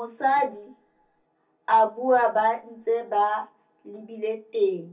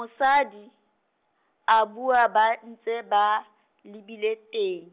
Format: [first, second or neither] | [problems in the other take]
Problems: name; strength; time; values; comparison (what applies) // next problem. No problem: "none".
second | room echo; dies away in 0.3 s